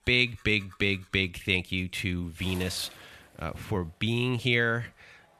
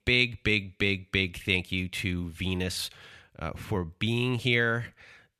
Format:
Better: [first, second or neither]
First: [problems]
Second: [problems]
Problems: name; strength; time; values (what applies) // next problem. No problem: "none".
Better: second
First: household noises; faint; throughout; 25 dB below the speech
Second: none